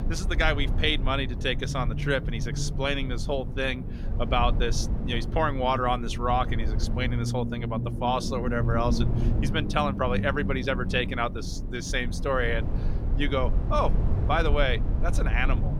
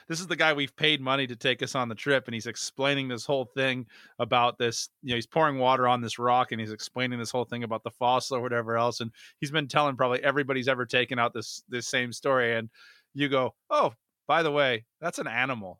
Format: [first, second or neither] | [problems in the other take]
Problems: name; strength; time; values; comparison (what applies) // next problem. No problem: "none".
second | low rumble; noticeable; throughout; 10 dB below the speech